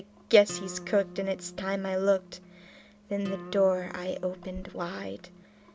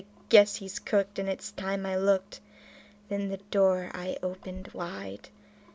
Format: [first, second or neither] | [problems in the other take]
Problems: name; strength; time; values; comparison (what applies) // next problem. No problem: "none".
second | background sound (Acoustic guitar); 16 dB below the speech